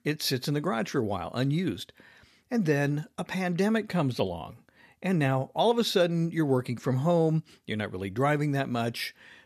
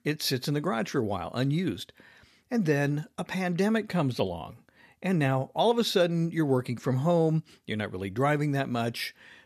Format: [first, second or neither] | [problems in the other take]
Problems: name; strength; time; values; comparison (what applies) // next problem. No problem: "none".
neither | none